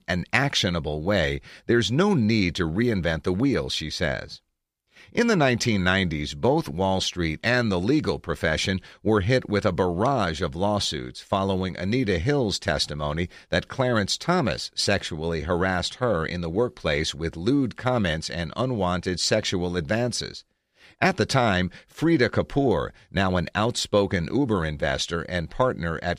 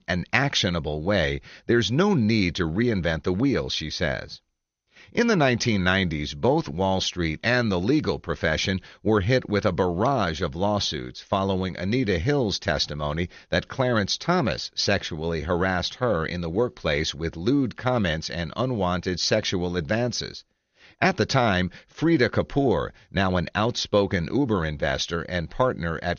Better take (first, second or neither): first